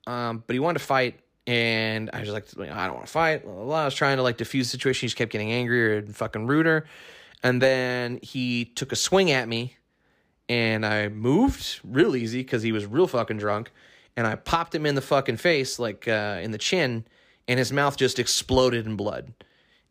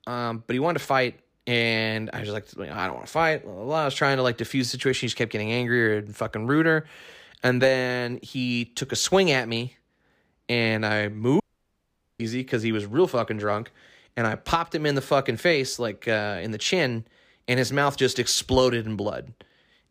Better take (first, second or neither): first